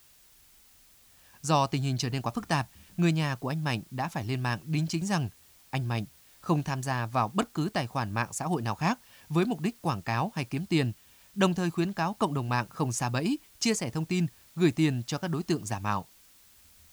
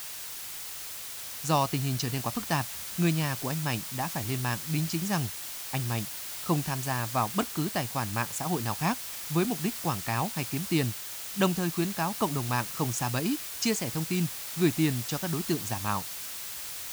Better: first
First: hiss; faint; throughout; 25 dB below the speech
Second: hiss; loud; throughout; 5 dB below the speech

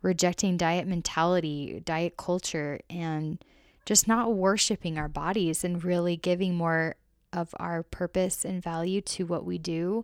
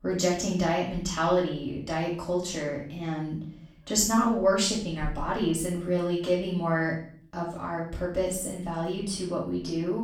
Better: first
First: none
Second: off-mic speech; far // room echo; noticeable; dies away in 0.5 s

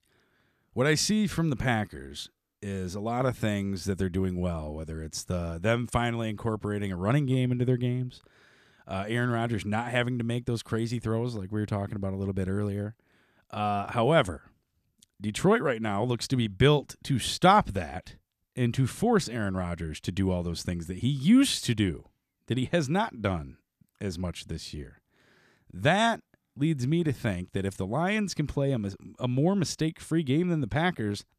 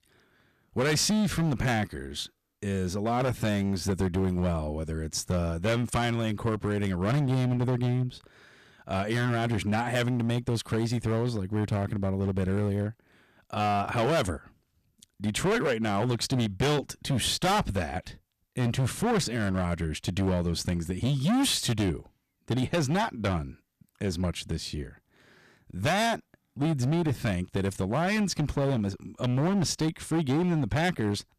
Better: first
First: none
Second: distortion; heavy; 14% of the sound clipped

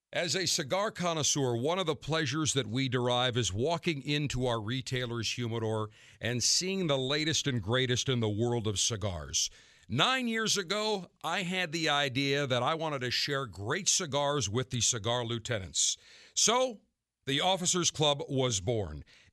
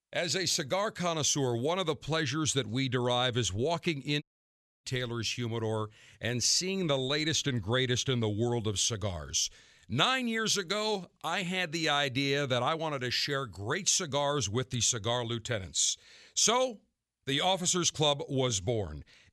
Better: first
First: none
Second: audio cutting out; at 4 s for 0.5 s

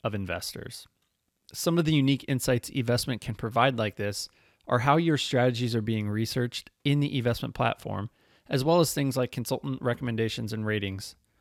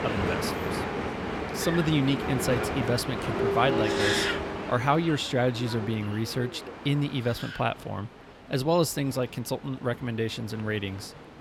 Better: first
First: none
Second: train or aircraft noise; loud; throughout; 2 dB below the speech

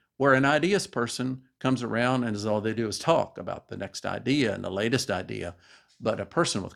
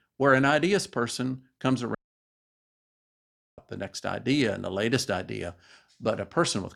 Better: first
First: none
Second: audio cutting out; at 2 s for 1.5 s

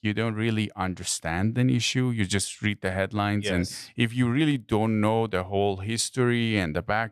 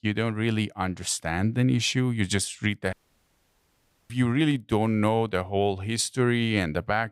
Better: first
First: none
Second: audio cutting out; at 3 s for 1 s

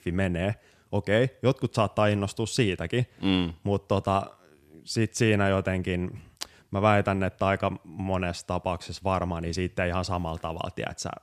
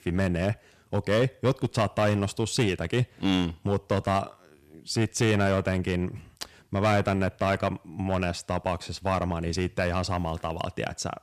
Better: first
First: none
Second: distortion; slight; 4% of the sound clipped

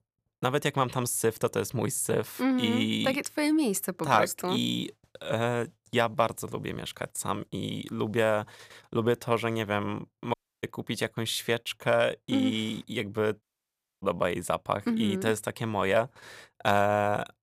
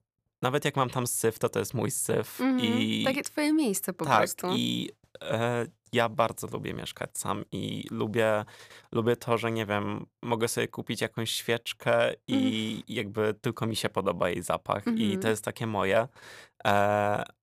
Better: second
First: audio cutting out; at 10 s and at 13 s for 0.5 s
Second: none

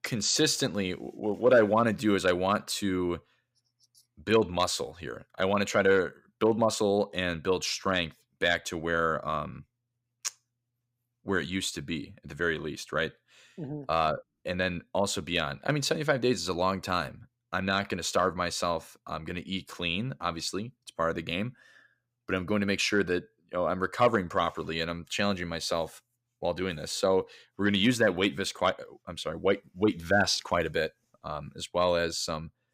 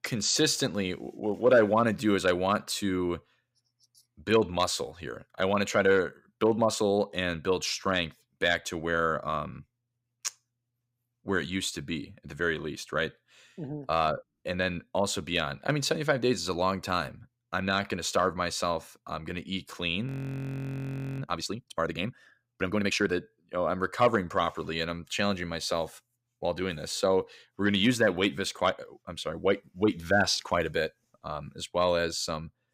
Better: first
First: none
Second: audio freezing; at 20 s for 1 s

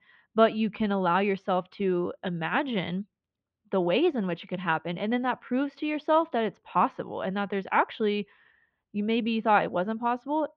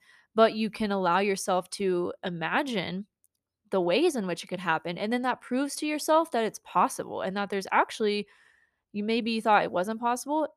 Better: second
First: muffled; very; fading above 3.5 kHz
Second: none

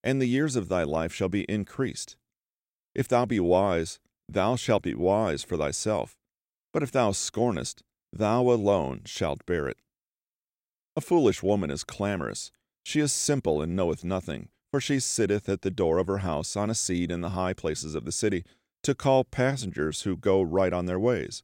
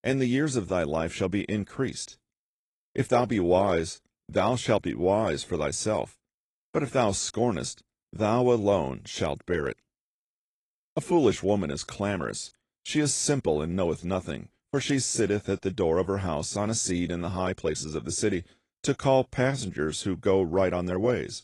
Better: first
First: none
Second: garbled, watery; slightly

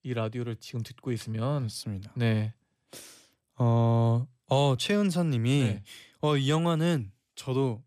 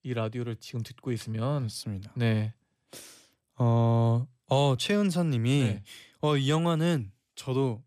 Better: neither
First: none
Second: none

